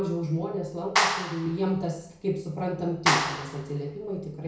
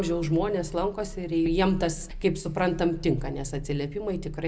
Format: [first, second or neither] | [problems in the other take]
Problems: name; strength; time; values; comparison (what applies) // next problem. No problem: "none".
second | background sound (Clapping); 2 dB above the speech // room echo; dies away in 0.5 s